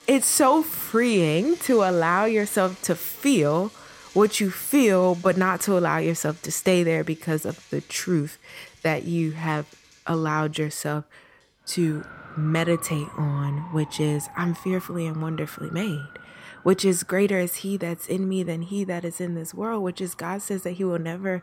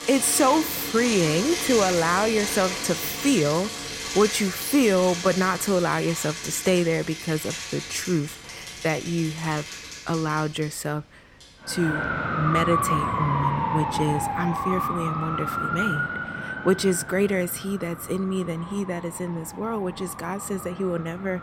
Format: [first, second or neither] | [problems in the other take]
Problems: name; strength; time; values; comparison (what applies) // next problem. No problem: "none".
first | traffic noise; loud; throughout; 4 dB below the speech; faint in the first